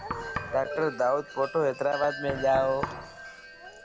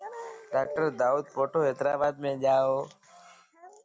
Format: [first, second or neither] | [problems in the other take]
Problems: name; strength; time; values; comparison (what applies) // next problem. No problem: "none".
second | background sound (Wind chime + Knock); 10 dB below the speech